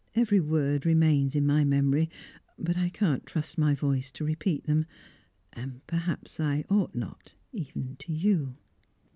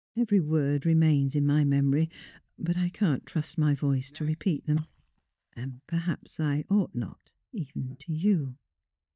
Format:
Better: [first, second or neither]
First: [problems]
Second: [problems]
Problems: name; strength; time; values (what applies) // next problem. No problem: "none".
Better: first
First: none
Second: noise reduction (neural mask model DeepFilterNet 3)